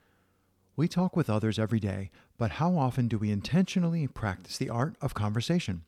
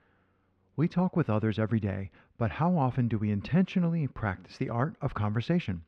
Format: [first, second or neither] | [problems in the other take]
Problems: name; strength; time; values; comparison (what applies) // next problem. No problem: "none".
first | muffled; slightly; fading above 2 kHz